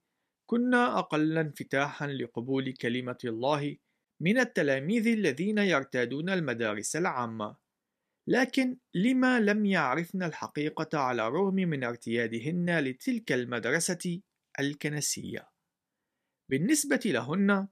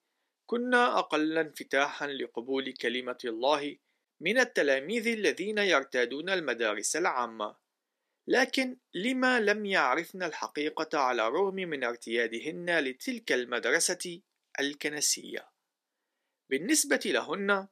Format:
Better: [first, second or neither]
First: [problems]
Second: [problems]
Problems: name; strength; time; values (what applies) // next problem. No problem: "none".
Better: first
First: none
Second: thin; somewhat; fading below 350 Hz